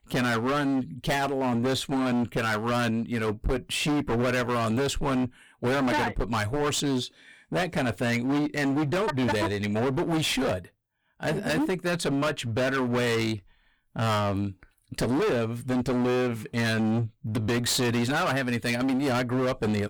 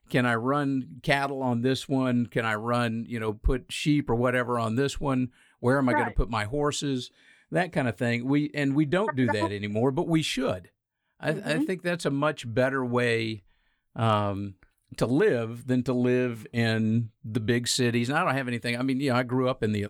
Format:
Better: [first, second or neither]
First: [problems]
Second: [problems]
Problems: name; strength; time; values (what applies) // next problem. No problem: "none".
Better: second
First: distortion; heavy; 29% of the sound clipped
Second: none